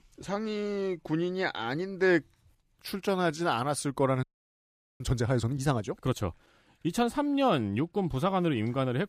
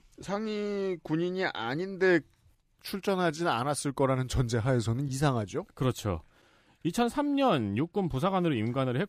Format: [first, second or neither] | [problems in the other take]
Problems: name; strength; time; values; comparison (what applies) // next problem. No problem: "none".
second | audio freezing; at 4 s for 1 s